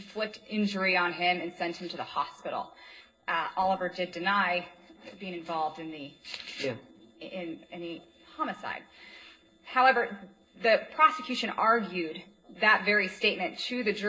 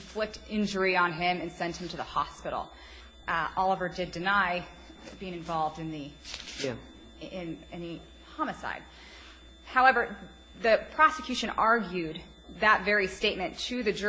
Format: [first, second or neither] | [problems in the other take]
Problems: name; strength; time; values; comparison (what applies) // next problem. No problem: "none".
second | noise reduction (neural separator model SepFormer DNS4)